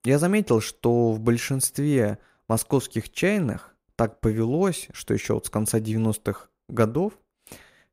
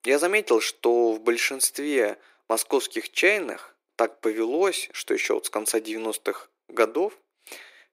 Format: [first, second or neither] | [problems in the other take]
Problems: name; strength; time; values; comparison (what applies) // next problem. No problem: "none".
first | thin; very; fading below 350 Hz